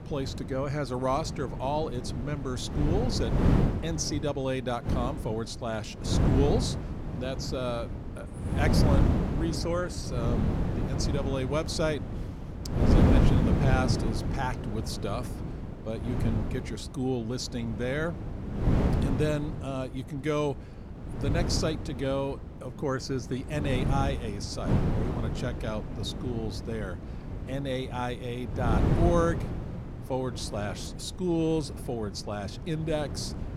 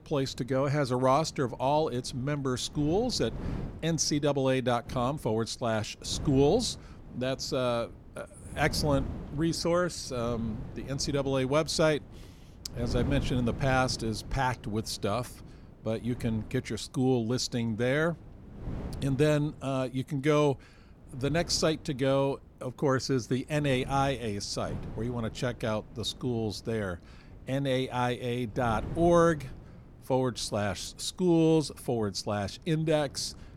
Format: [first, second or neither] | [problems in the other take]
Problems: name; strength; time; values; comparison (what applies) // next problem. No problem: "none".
second | wind noise on the microphone; heavy; 4 dB below the speech; occasional gusts in the second